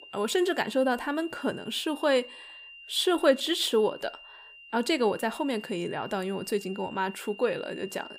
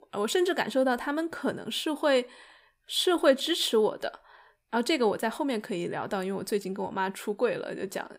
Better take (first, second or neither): second